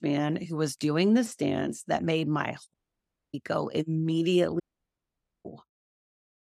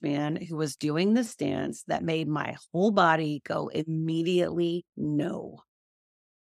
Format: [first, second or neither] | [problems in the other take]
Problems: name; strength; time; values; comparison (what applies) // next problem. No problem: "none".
second | audio cutting out; at 2.5 s for 0.5 s and at 4.5 s for 1 s